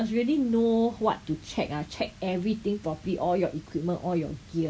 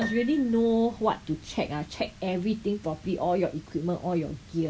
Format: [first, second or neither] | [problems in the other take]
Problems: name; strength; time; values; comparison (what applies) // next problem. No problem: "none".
first | background sound (Piano); 17 dB below the speech